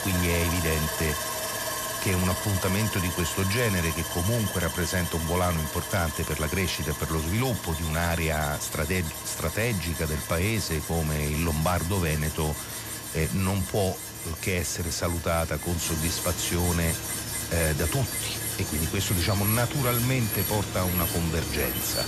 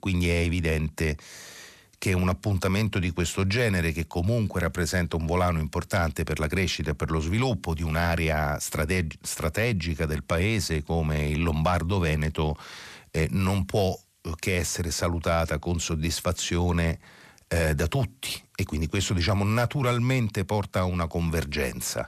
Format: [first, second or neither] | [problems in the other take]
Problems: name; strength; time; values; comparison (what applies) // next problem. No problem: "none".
second | machinery noise; loud; throughout; 3 dB below the speech